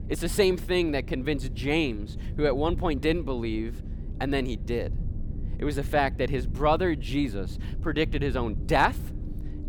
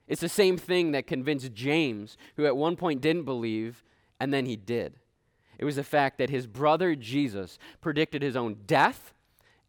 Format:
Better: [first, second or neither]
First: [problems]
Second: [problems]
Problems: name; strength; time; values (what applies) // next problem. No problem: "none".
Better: second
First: low rumble; noticeable; throughout; 20 dB below the speech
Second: none